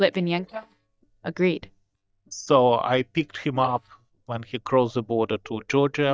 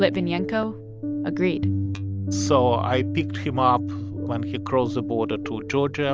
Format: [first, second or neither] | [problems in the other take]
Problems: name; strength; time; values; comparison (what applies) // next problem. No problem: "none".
second | noise reduction (neural mask model DeepFilterNet 3)